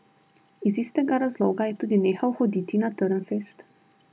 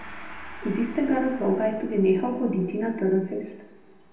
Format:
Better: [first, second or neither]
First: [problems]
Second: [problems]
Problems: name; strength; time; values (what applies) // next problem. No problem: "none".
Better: first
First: none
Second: background sound (Gong); 16 dB below the speech // room echo; dies away in 0.8 s